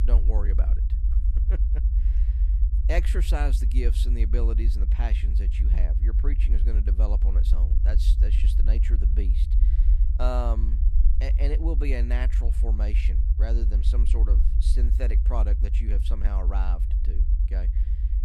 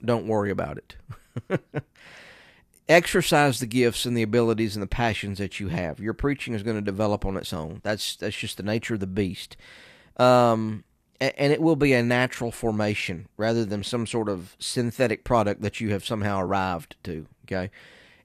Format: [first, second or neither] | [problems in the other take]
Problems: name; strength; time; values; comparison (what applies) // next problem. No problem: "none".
second | low rumble; loud; throughout; 7 dB below the speech